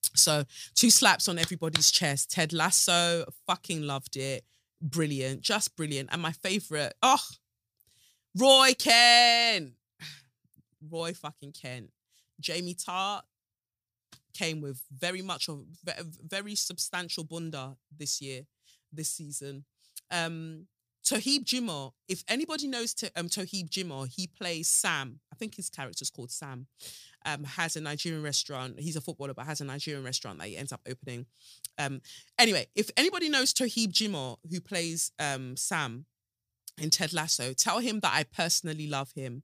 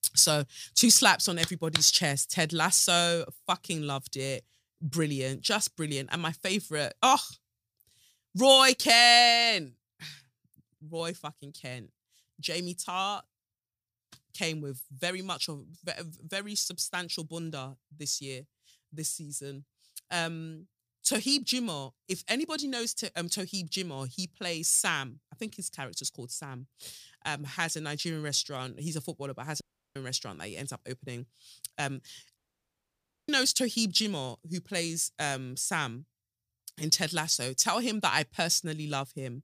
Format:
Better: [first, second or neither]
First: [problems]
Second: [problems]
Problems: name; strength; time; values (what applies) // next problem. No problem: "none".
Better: first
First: none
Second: audio cutting out; at 30 s and at 32 s for 1 s